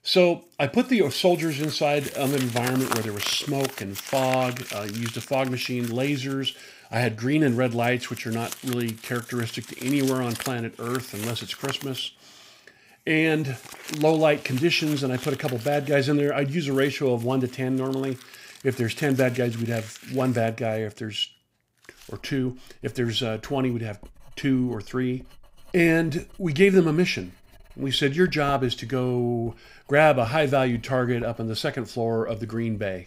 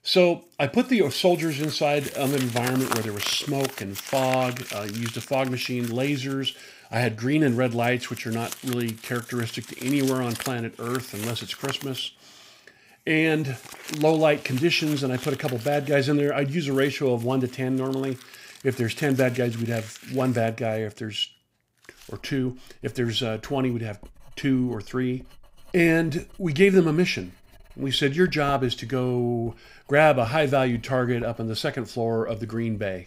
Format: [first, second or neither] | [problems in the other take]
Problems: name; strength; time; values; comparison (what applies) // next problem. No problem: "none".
neither | household noises; noticeable; throughout; 10 dB below the speech; the same in both